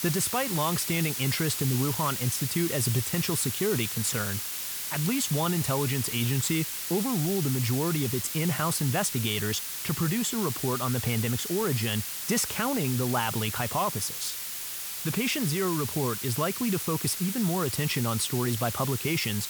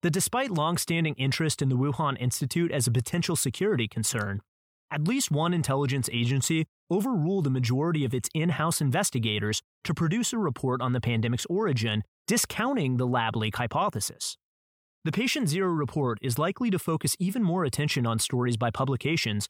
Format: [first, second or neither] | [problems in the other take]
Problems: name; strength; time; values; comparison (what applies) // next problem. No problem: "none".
second | hiss; loud; throughout; 3 dB below the speech